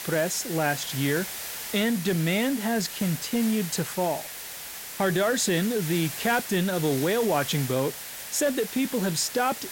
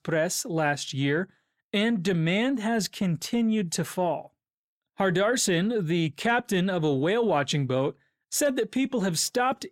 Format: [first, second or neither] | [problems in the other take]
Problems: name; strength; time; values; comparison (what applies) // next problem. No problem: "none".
second | hiss; loud; throughout; 8 dB below the speech